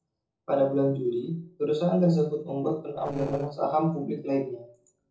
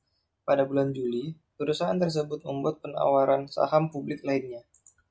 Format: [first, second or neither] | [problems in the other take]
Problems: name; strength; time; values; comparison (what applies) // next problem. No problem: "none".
second | noise reduction (neural separator model SepFormer DNS4)